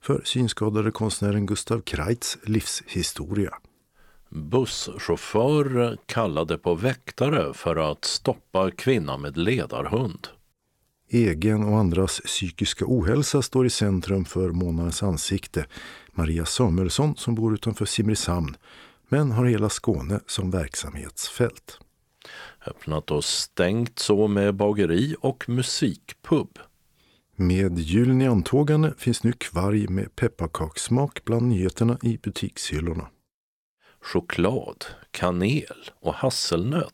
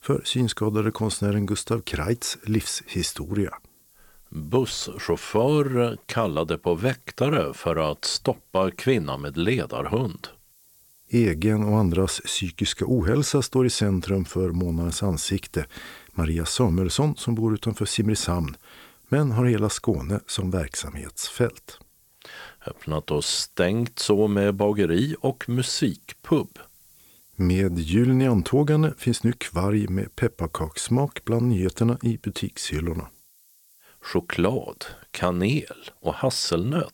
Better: first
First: none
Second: hiss; faint; throughout; 30 dB below the speech

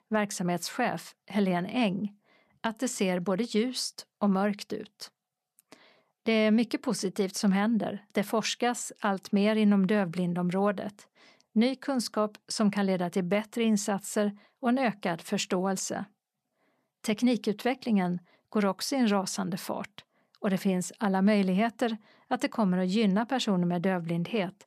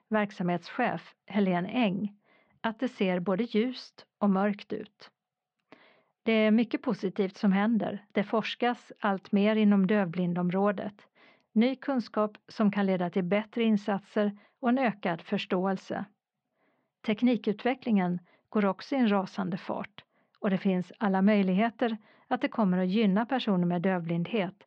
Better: first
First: none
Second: muffled; slightly; fading above 3.5 kHz

